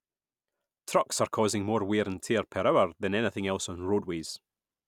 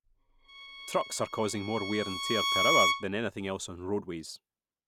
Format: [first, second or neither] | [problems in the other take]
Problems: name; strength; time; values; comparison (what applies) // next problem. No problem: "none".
first | background sound (Bowed string instrument); 1 dB above the speech